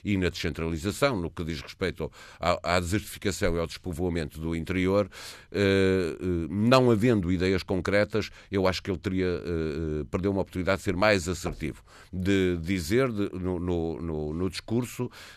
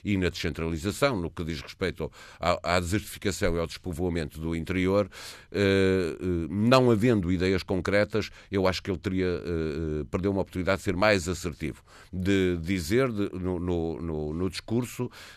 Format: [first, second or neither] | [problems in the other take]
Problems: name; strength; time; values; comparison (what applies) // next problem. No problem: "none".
second | door banging; faint; at 11 s; peak 15 dB below the speech